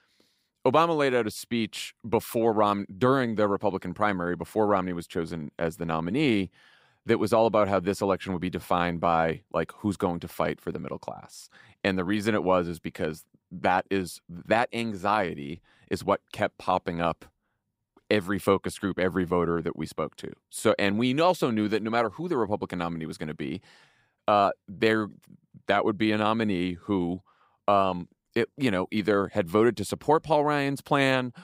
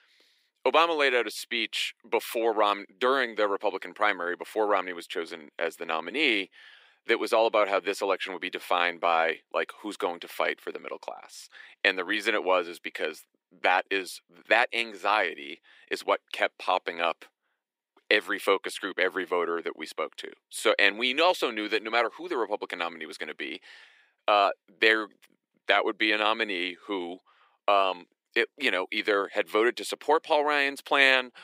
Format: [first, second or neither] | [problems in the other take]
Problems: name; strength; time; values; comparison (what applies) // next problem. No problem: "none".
first | thin; somewhat; fading below 350 Hz